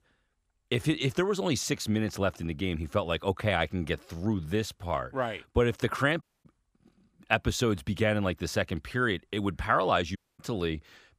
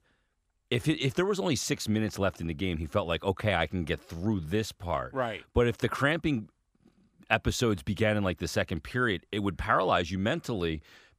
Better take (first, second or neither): second